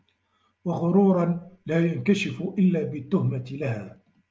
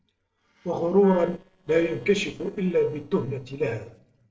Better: first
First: none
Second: noise reduction (neural separator model SepFormer DNS4)

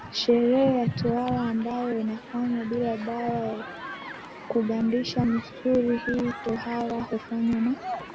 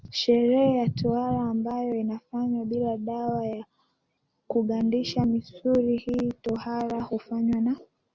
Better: second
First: background sound (Human group actions); 13 dB below the speech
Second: none

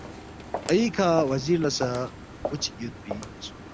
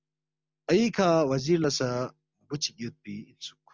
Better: second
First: background sound (Walk, footsteps); 10 dB below the speech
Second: none

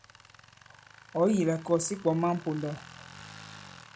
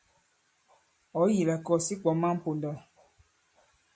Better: second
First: background sound (Tools); 19 dB below the speech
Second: none

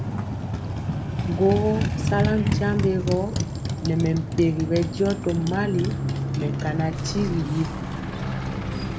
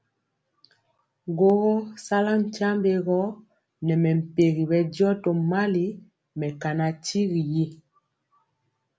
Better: second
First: background sound (Motorcycle); 1 dB below the speech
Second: none

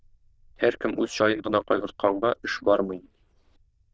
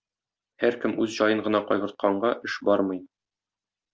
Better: second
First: noise reduction (neural diffusion model UNIVERSE++)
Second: none

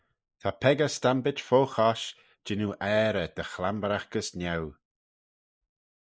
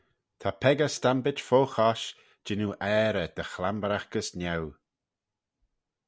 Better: second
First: noise reduction (neural mask model Resemble Enhance denoiser)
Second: none

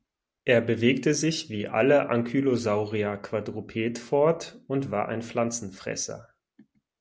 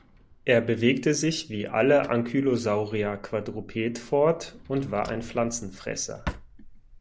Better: first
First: none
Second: background sound (Drawer open or close); 18 dB below the speech

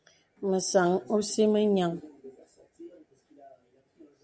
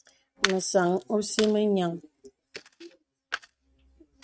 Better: first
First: none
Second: noise reduction (neural mask model RNNoise)

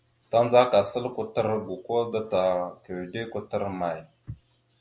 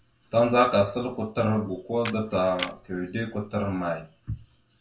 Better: first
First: none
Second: background sound (Camera); 13 dB below the speech // room echo; dies away in 0.2 s

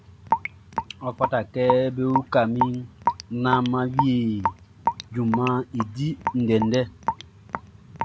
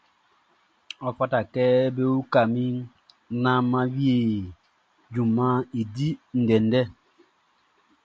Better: second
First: background sound (Raindrop / Drip); 4 dB below the speech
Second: none

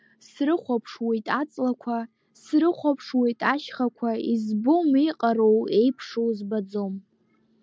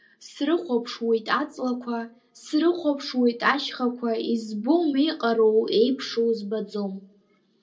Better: first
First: none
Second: room echo; dies away in 0.2 s

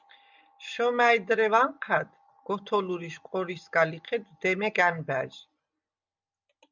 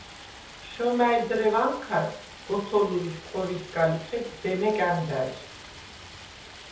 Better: first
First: none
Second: background sound (Stream); 17 dB below the speech // room echo; dies away in 0.5 s

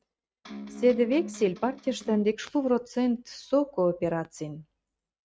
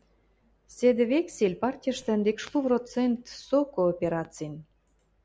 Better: second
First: noise reduction (neural mask model RNNoise)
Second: none

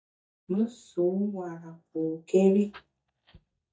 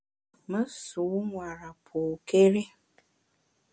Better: second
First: noise reduction (neural mask model DeepFilterNet 3)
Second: none

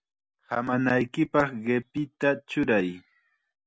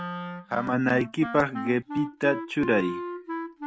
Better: first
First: none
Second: background sound (Wind instrument, woodwind instrument); 8 dB below the speech

